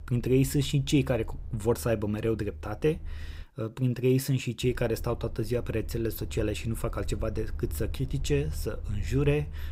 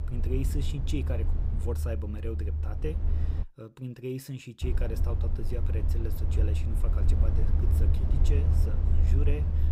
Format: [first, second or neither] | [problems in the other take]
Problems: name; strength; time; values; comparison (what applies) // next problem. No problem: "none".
first | low rumble; loud; until 3.5 s and from 4.5 s on; 3 dB below the speech; faint in the first